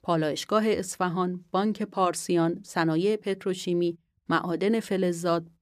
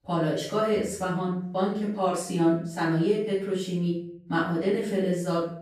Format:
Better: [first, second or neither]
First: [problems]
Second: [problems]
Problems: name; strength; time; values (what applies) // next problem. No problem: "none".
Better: first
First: none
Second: off-mic speech; far // room echo; noticeable; dies away in 0.6 s